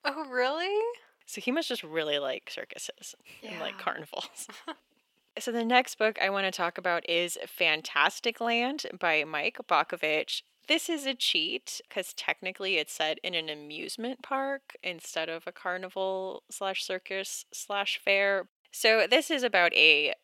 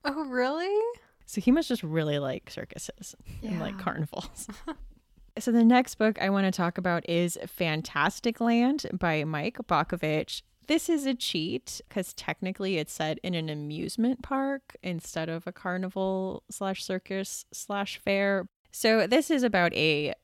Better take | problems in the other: second | thin; somewhat; fading below 500 Hz

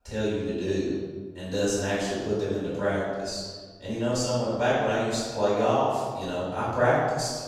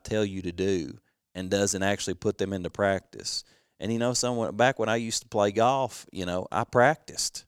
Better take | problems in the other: second | off-mic speech; far // room echo; strong; dies away in 1.4 s

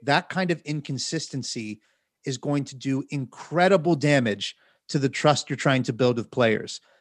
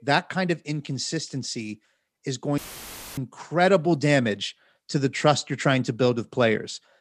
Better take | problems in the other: first | audio cutting out; filled with static; at 2.5 s for 0.5 s

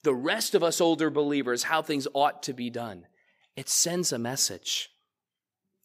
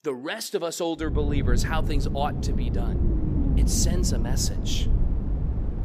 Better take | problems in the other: first | low rumble; loud; from 1 s on; 7 dB below the speech

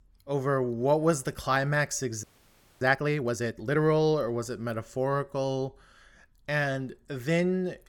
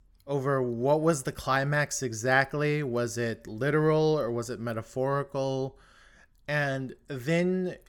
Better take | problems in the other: second | audio freezing; at 2 s for 0.5 s

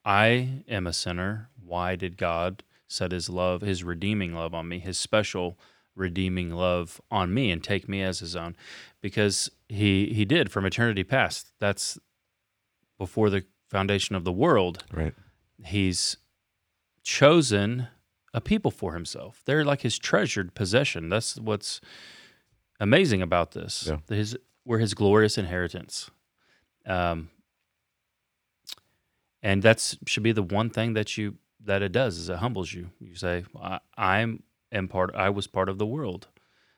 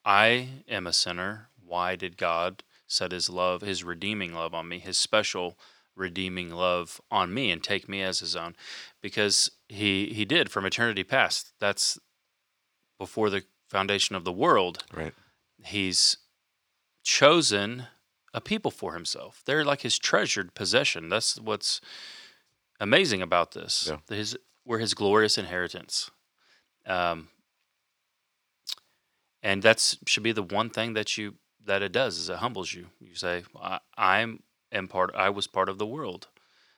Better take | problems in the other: first | thin; somewhat; fading below 450 Hz

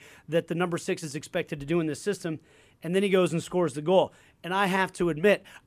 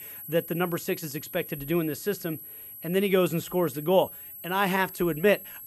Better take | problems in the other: first | high-pitched whine; noticeable; throughout; 12 kHz, 10 dB below the speech

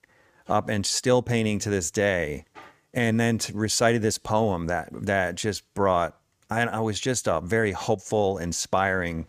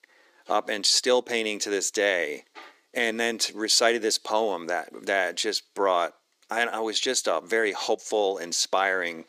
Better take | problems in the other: first | thin; somewhat; fading below 300 Hz

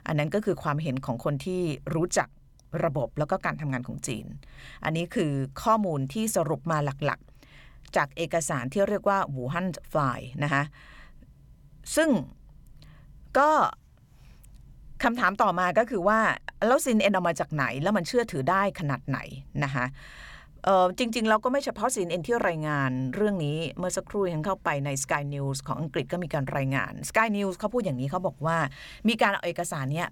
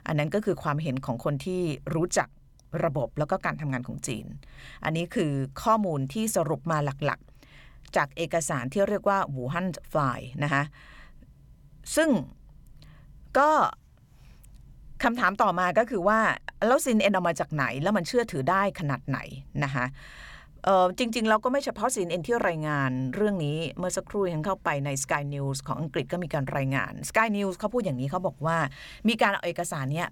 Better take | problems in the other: neither | none

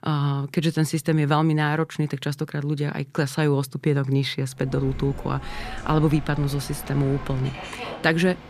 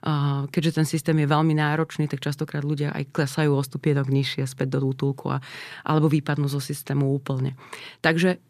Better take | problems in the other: second | train or aircraft noise; noticeable; from 4.5 s on; 15 dB below the speech

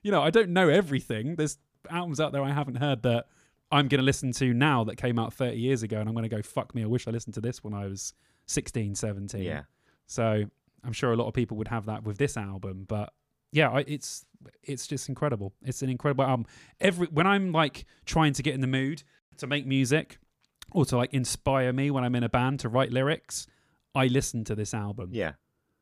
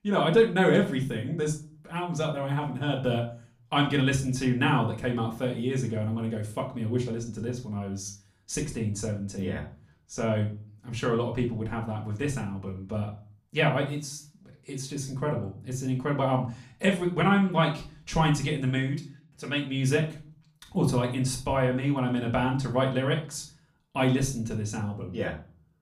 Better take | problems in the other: first | room echo; slight; dies away in 0.3 s // off-mic speech; far

